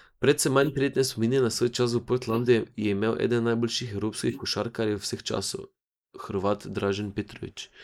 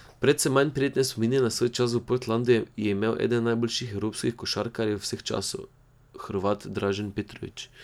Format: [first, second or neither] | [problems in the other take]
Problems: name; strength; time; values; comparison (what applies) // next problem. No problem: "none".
second | noise reduction (neural mask model Resemble Enhance denoiser)